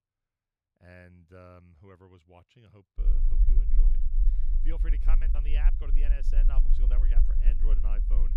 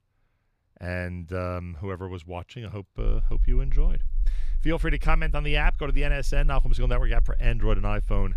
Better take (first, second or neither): second